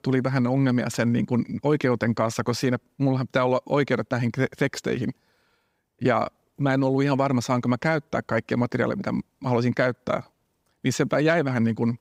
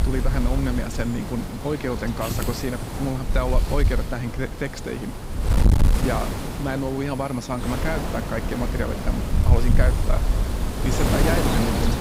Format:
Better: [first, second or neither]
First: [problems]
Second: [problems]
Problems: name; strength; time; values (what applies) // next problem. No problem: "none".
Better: first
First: none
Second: wind noise on the microphone; heavy; 2 dB below the speech